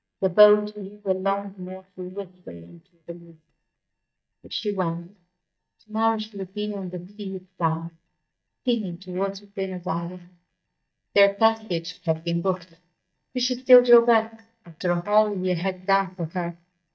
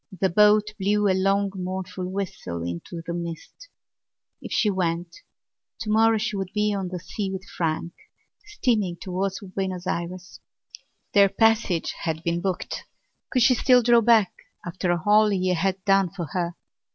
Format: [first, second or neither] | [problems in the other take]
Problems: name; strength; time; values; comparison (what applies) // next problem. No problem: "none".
second | noise reduction (neural mask model DeepFilterNet 3)